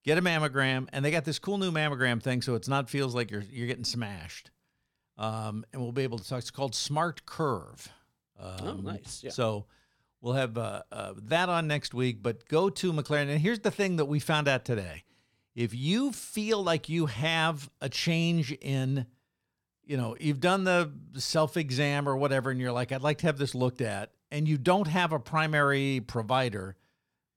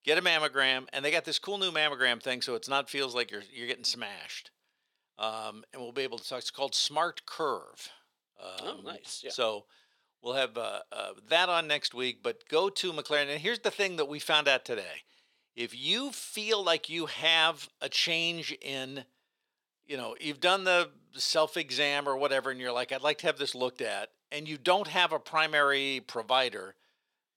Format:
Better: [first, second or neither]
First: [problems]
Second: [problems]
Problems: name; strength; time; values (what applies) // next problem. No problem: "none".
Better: first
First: none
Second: thin; very; fading below 500 Hz